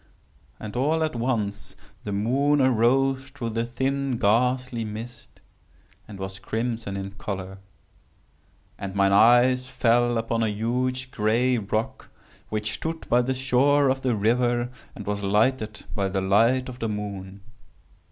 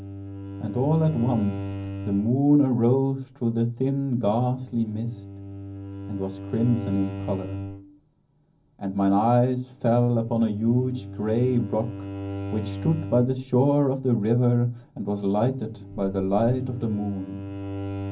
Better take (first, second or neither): first